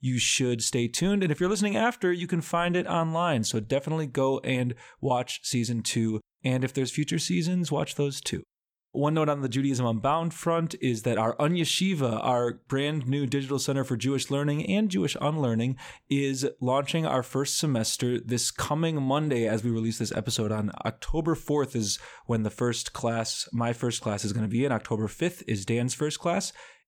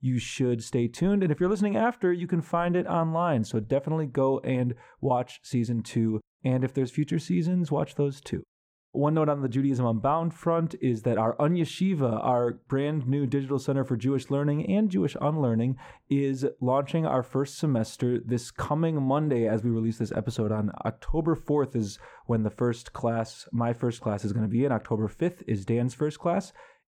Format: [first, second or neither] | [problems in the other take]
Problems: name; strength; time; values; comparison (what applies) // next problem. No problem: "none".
first | muffled; slightly; fading above 2 kHz